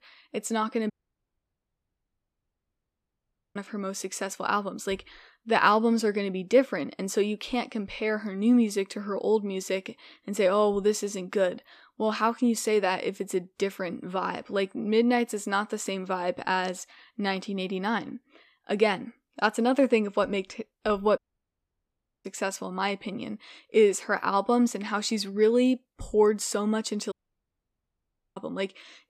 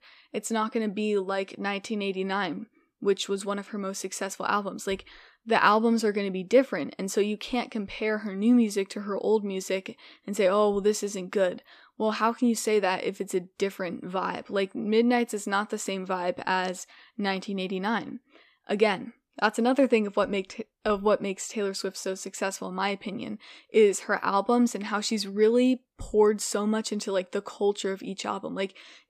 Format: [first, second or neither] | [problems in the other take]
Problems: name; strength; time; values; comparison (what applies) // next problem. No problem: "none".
second | audio cutting out; at 1 s for 2.5 s, at 21 s for 1 s and at 27 s for 1 s